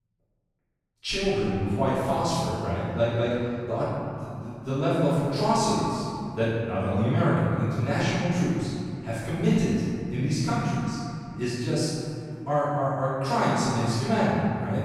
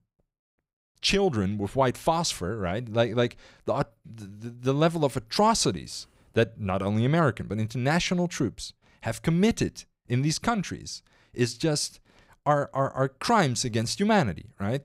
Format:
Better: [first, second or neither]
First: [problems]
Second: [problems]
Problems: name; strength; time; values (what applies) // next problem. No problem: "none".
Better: second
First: room echo; strong; dies away in 2.7 s // off-mic speech; far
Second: none